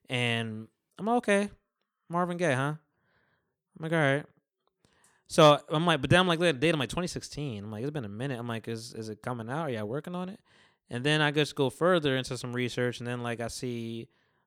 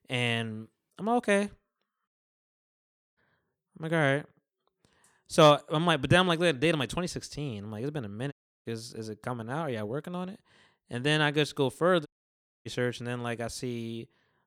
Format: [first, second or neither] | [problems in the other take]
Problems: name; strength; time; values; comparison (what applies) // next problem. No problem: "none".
first | audio cutting out; at 2 s for 1 s, at 8.5 s and at 12 s for 0.5 s